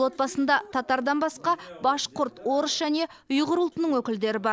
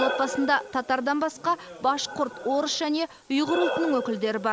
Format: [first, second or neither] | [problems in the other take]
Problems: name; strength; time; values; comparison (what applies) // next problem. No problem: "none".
first | background sound (Breathing); 9 dB below the speech